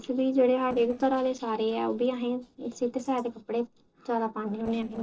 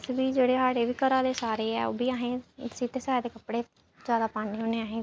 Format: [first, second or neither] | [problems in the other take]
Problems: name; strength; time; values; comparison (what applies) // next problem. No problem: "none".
second | noise reduction (neural separator model SepFormer DNS4)